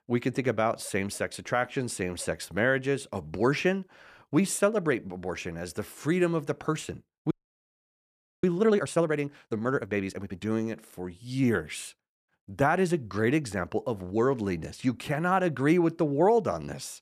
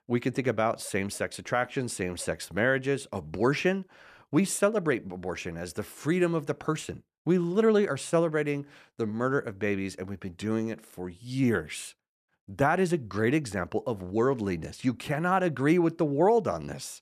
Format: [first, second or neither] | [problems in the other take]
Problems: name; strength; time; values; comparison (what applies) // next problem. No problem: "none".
second | audio freezing; at 7.5 s for 1 s